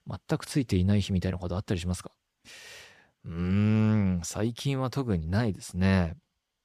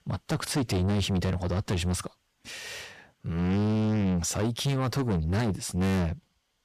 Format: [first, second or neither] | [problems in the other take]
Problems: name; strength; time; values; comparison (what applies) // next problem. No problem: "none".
first | distortion; heavy; 6 dB below the speech